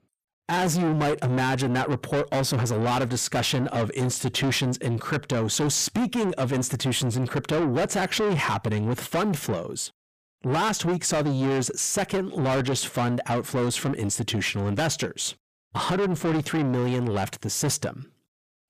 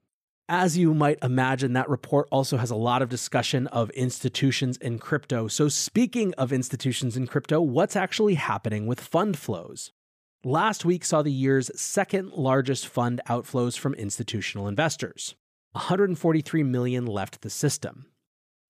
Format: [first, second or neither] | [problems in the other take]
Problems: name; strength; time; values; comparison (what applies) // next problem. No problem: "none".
second | distortion; heavy; 6 dB below the speech